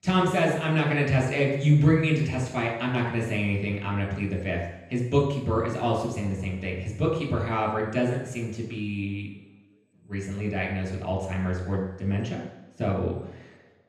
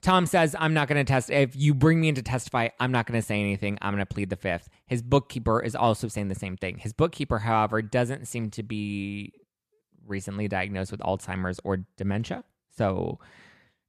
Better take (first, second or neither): second